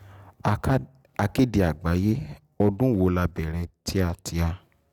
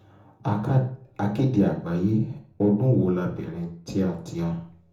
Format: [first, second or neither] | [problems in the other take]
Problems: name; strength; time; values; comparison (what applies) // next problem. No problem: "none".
first | room echo; dies away in 1 s